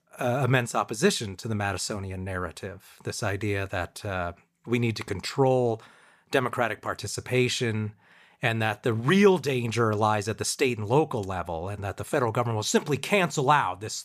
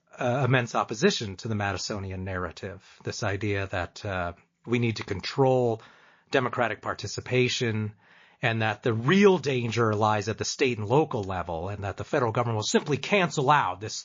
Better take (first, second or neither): first